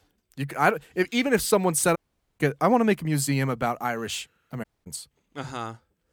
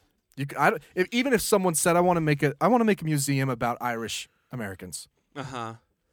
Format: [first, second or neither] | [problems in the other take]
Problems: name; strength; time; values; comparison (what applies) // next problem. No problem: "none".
second | audio cutting out; at 2 s and at 4.5 s